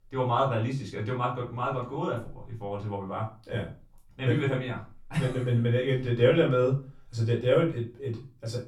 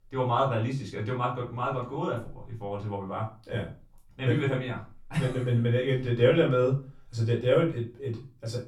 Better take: neither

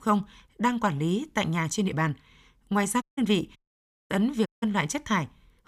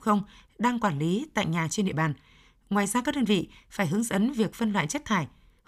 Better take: second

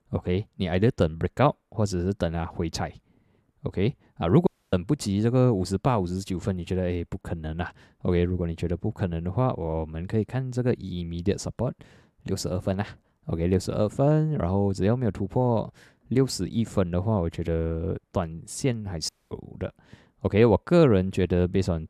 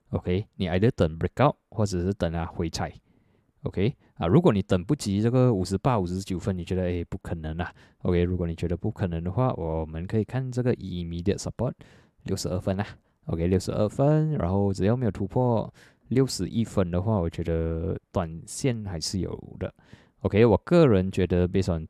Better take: second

